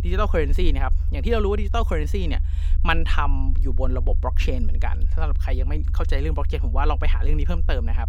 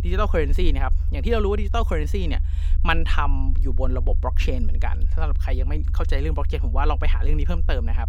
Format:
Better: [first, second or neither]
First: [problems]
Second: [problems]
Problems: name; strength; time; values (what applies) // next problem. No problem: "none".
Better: neither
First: low rumble; noticeable; throughout; 15 dB below the speech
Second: low rumble; noticeable; throughout; 15 dB below the speech